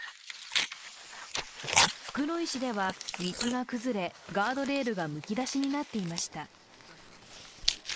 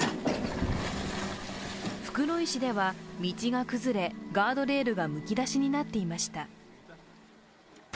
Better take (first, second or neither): second